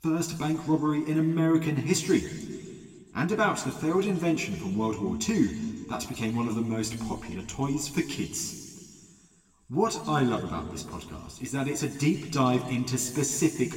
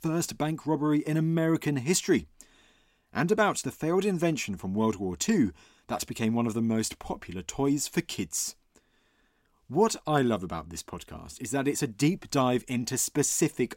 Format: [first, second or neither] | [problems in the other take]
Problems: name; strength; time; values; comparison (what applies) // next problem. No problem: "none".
second | room echo; slight; dies away in 1.8 s